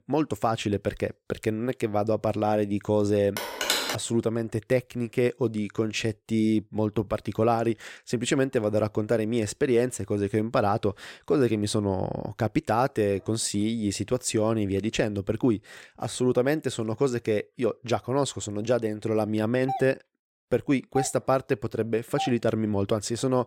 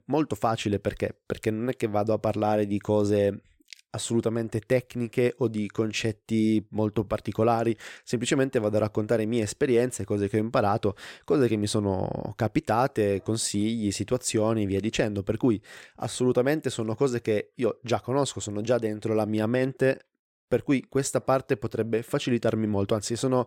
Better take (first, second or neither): second